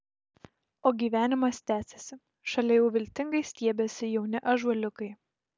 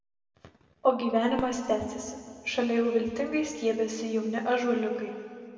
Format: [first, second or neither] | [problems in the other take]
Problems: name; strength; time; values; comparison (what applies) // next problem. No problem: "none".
first | background sound (Fireworks); 19 dB below the speech // room echo; dies away in 2.2 s